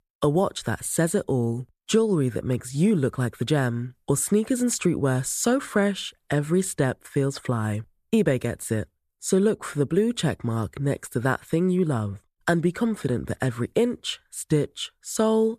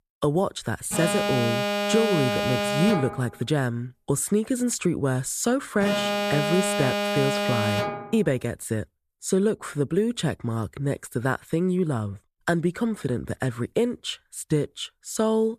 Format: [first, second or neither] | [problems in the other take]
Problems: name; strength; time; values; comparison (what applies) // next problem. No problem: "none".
first | alarm; loud; from 1 to 8 s; peak 1 dB above the speech